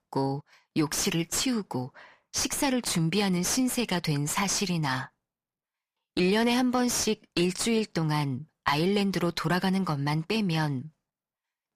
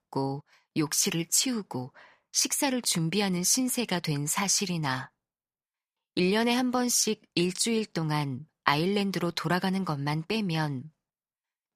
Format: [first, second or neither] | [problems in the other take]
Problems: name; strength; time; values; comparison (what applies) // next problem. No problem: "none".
second | distortion; slight; 9 dB below the speech